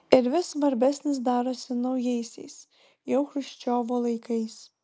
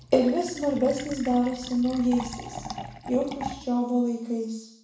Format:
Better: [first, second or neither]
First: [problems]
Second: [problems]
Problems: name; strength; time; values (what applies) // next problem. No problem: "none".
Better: first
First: none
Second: background sound (Fill (with liquid)); 14 dB below the speech // room echo; dies away in 0.6 s